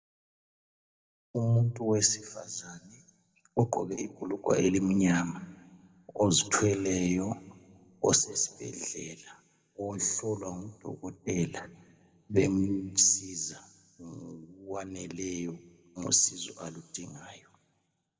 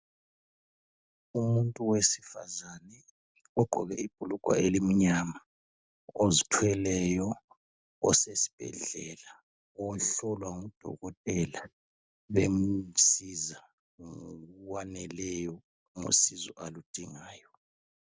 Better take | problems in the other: second | room echo; dies away in 1.6 s

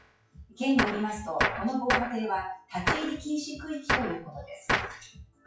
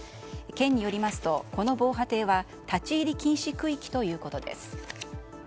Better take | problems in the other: second | noise reduction (classical method WPE with log-MMSE)

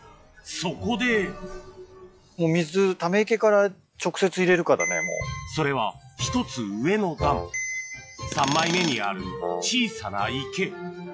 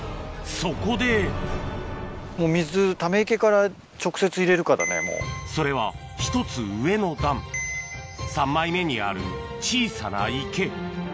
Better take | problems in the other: second | noise reduction (classical method log-MMSE)

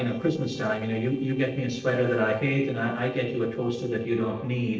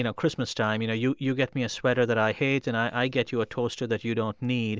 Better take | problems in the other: second | noise reduction (neural separator model SepFormer DNS4)

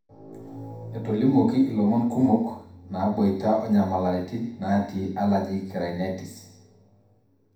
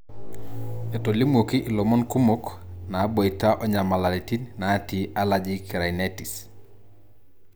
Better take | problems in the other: second | room echo; dies away in 0.7 s

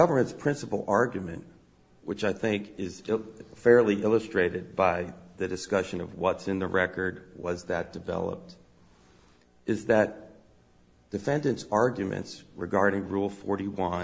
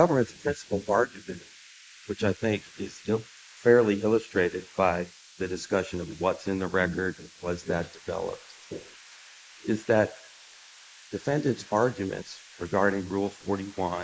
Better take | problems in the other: first | noise reduction (neural mask model Resemble Enhance denoiser)

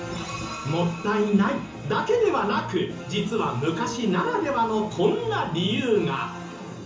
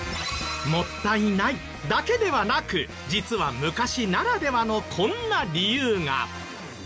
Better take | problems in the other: second | background sound (Piano); 16 dB below the speech // room echo; dies away in 0.8 s

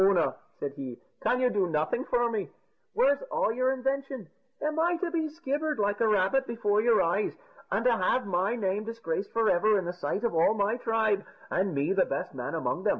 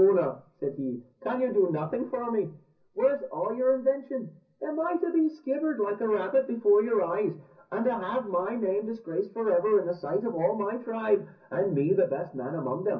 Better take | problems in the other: first | room echo; dies away in 0.4 s

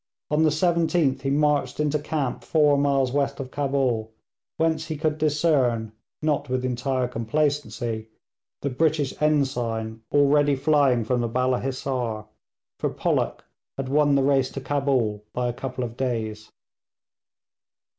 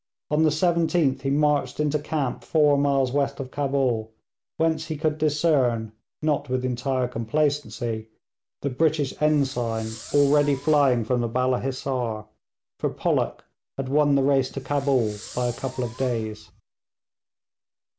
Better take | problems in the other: first | background sound (Fireworks); 19 dB below the speech

